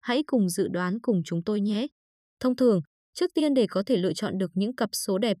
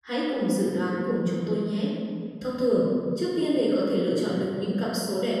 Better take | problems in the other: first | room echo; strong; dies away in 2.1 s // off-mic speech; far

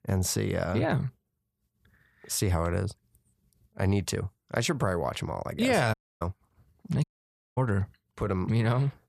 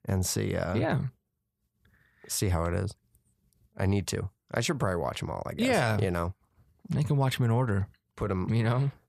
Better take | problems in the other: second | audio cutting out; at 6 s and at 7 s for 0.5 s

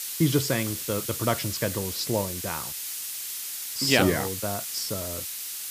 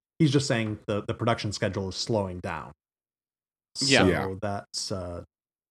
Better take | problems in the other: second | hiss; loud; throughout; 4 dB below the speech

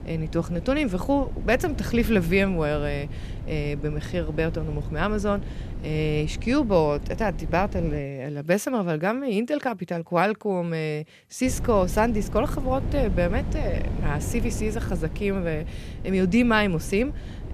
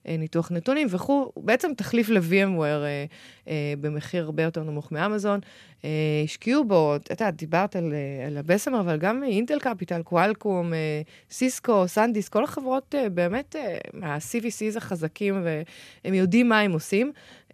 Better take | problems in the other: second | wind noise on the microphone; occasional gusts; until 8 s and from 11 s on; 15 dB below the speech

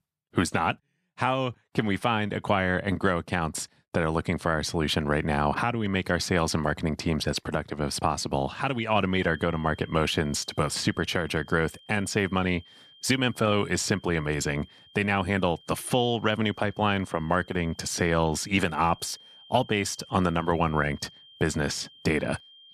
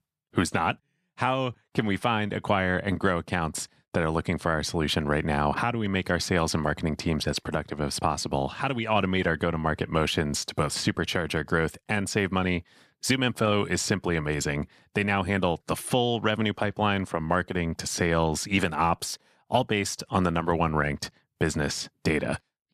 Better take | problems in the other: second | high-pitched whine; faint; from 9 s on; 3 kHz, 25 dB below the speech

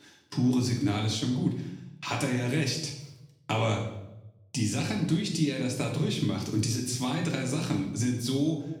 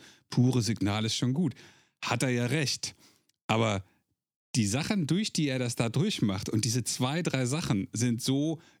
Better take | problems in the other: second | room echo; noticeable; dies away in 0.7 s // off-mic speech; somewhat distant

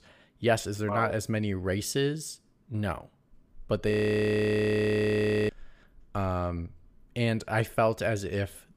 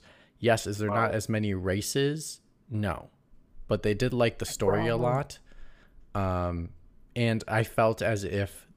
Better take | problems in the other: second | audio freezing; at 4 s for 1.5 s

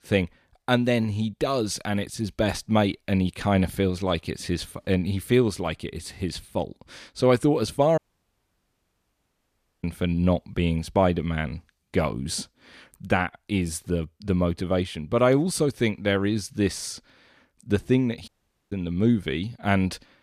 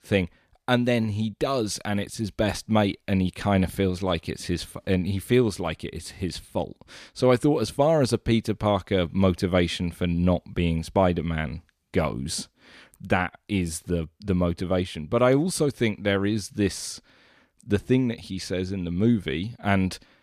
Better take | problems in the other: second | audio cutting out; at 8 s for 2 s and at 18 s

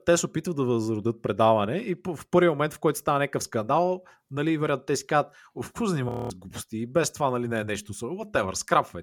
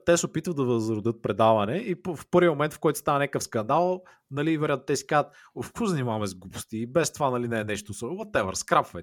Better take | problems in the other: second | audio freezing; at 6 s

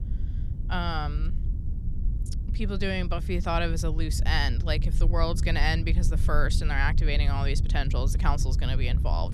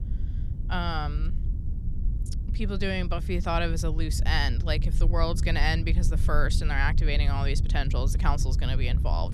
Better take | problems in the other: neither | low rumble; noticeable; throughout; 15 dB below the speech; the same in both

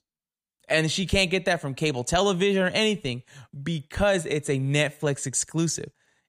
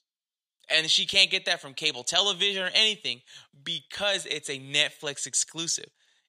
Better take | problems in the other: first | thin; somewhat; fading below 700 Hz

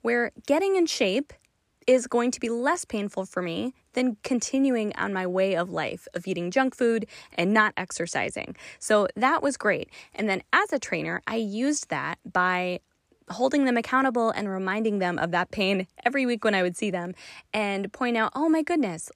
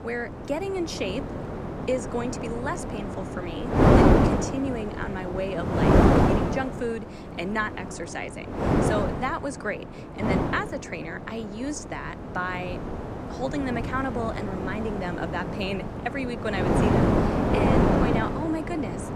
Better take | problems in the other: first | wind noise on the microphone; heavy; 4 dB above the speech

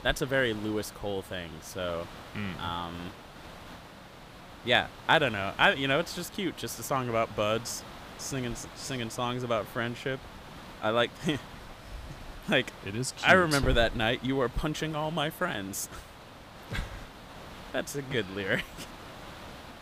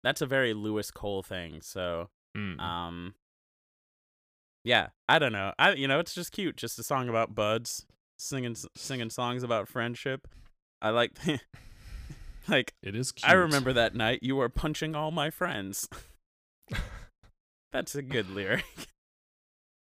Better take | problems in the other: second | hiss; noticeable; throughout; 15 dB below the speech

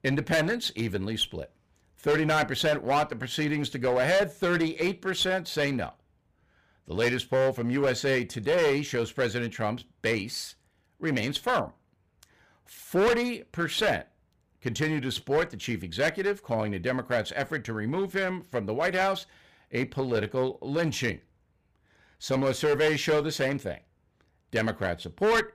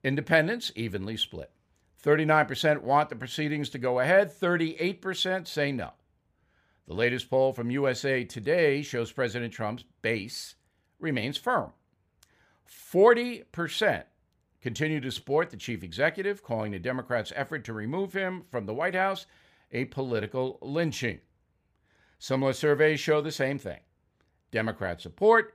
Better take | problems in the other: second | distortion; heavy; 8% of the sound clipped

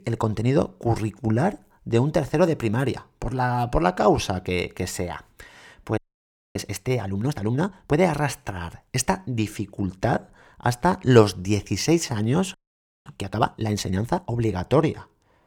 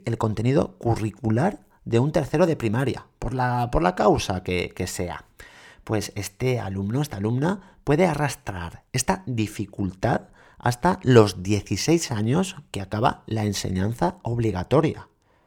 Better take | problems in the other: second | audio freezing; at 6 s for 0.5 s and at 13 s for 0.5 s

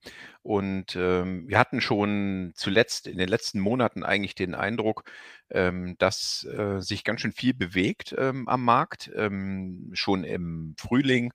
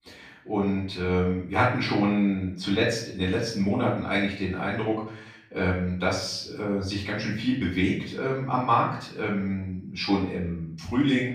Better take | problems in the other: first | off-mic speech; far // room echo; noticeable; dies away in 0.6 s

